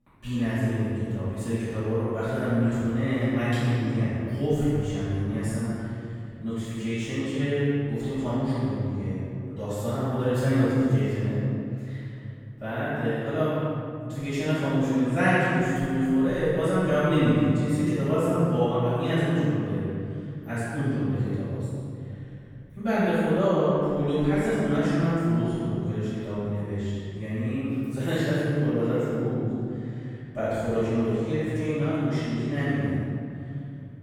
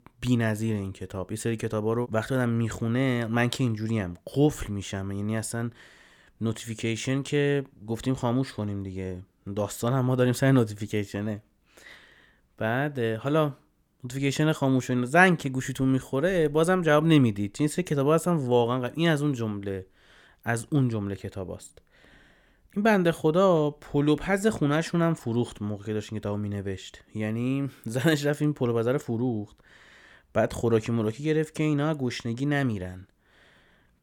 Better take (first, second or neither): second